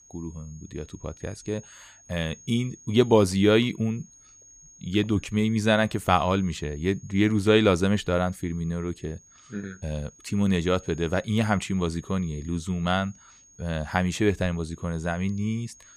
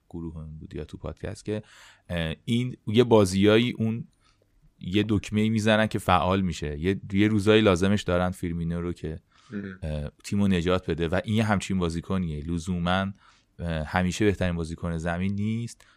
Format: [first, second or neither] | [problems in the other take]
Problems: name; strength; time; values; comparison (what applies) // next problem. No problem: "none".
second | high-pitched whine; faint; throughout; 6.5 kHz, 25 dB below the speech